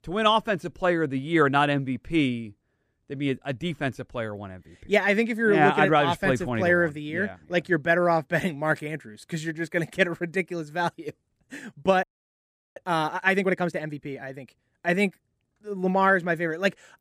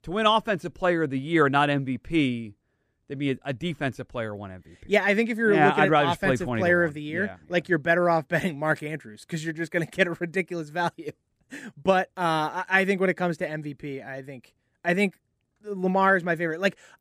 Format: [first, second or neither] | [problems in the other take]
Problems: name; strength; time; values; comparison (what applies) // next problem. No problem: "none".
second | audio freezing; at 12 s for 0.5 s